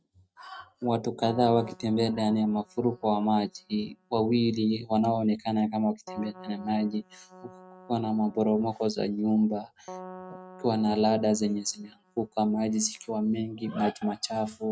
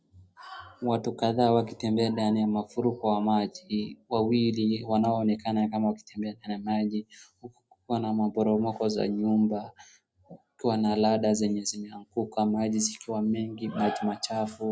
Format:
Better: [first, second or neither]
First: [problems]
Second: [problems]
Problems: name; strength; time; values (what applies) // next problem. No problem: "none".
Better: second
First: noise reduction (neural mask model RNNoise)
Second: none